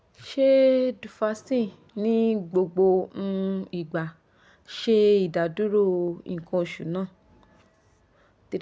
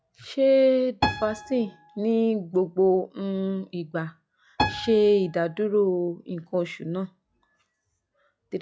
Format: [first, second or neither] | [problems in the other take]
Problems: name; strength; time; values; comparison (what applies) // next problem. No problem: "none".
first | noise reduction (classical method log-MMSE)